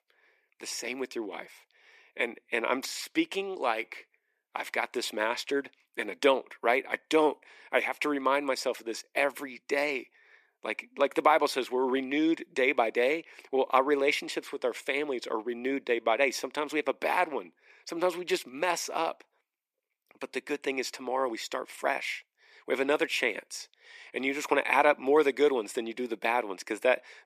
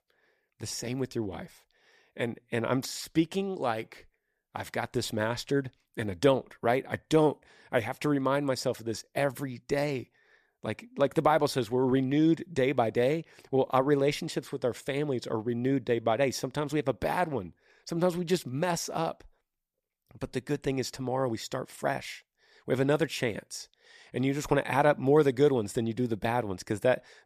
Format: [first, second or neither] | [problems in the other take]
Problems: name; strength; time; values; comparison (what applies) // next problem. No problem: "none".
second | thin; somewhat; fading below 300 Hz